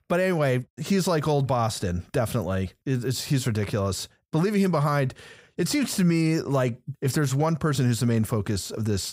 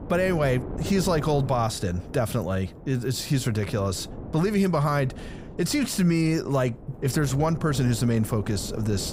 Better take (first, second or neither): first